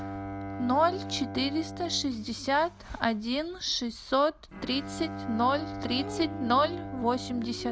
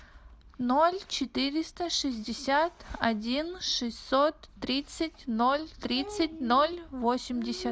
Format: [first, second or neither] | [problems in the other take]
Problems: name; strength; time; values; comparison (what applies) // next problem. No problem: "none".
second | background sound (Bowed string instrument); 10 dB below the speech